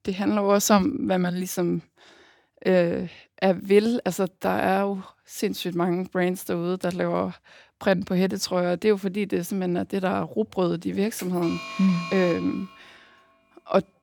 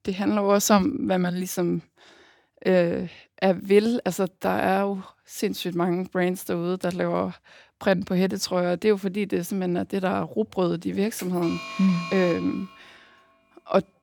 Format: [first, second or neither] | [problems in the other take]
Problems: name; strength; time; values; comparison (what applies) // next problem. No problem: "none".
neither | alarm; noticeable; from 11 to 13 s; peak 9 dB below the speech; the same in both